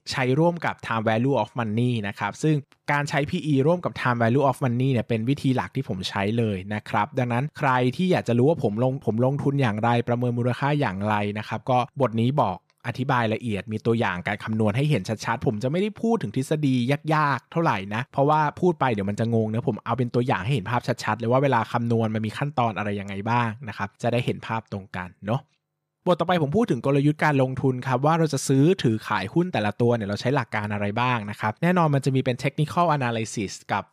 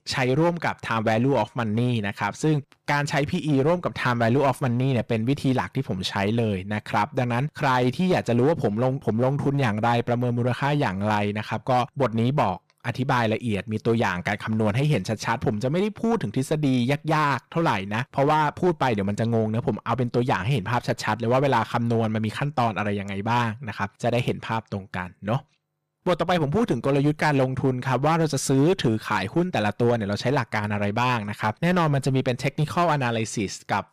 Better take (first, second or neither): first